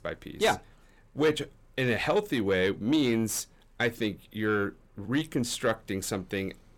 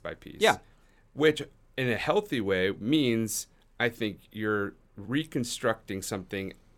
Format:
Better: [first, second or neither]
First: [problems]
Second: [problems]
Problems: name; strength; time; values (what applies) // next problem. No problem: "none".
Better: second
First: distortion; slight; 10 dB below the speech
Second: none